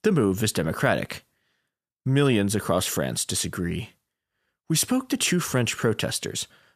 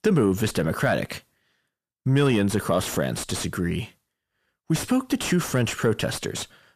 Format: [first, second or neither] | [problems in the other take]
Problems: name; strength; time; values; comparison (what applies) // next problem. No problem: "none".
first | distortion; slight; 10 dB below the speech